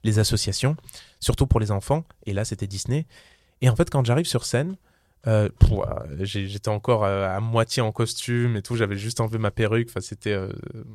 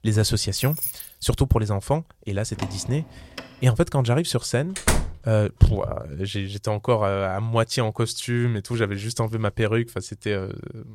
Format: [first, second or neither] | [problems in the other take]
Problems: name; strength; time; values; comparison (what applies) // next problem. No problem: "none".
first | jangling keys; noticeable; at 0.5 s; peak 3 dB below the speech // door banging; faint; at 2.5 s; peak 10 dB below the speech // door banging; loud; at 5 s; peak 1 dB above the speech